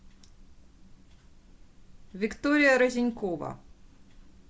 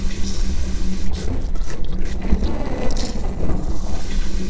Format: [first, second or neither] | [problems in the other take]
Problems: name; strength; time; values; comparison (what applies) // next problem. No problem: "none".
first | noise reduction (neural separator model SepFormer DNS4)